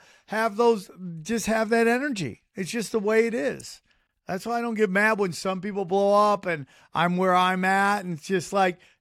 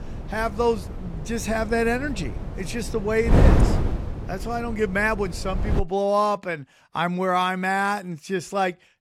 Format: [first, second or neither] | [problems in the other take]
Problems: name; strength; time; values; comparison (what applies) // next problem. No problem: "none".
first | wind noise on the microphone; heavy; until 6 s; 10 dB below the speech